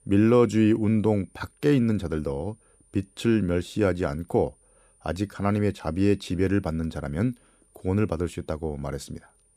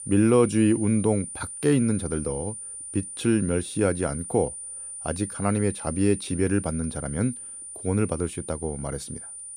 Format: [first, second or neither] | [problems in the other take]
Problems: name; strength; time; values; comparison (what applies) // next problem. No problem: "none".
first | high-pitched whine; loud; throughout; 9.5 kHz, 9 dB below the speech; faint in the first